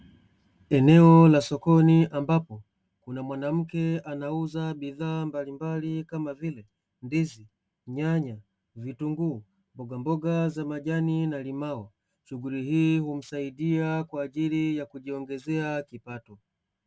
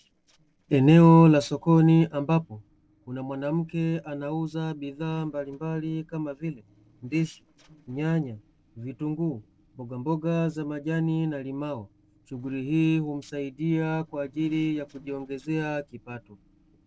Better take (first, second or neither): first